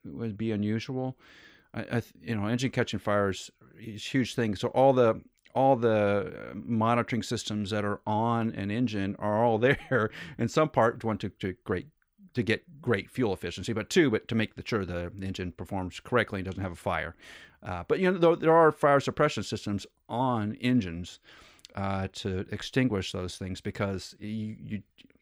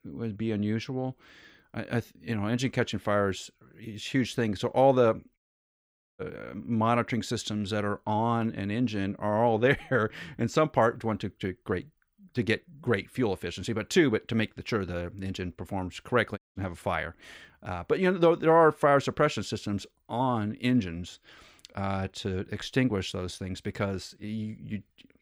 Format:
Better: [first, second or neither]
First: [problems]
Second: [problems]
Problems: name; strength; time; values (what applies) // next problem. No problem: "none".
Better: first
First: none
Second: audio cutting out; at 5.5 s for 1 s and at 16 s